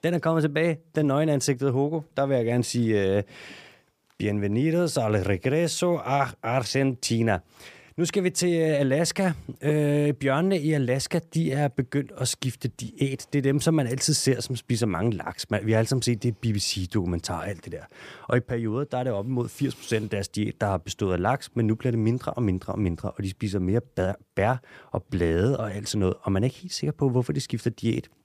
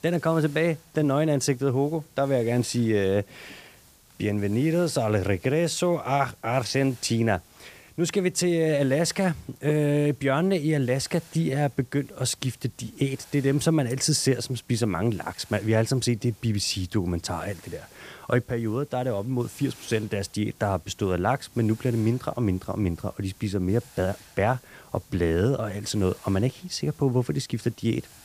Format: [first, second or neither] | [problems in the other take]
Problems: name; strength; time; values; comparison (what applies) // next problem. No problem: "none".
first | hiss; faint; throughout; 25 dB below the speech